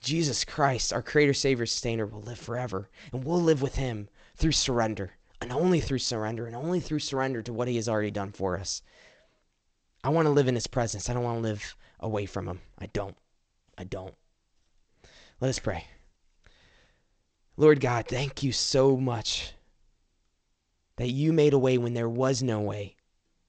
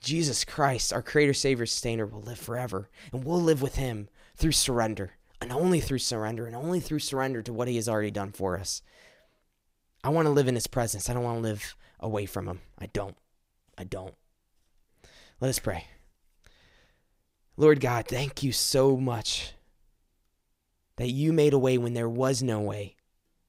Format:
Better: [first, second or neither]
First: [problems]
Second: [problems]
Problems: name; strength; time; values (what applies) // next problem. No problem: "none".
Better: second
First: garbled, watery; slightly; nothing above 7.5 kHz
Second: none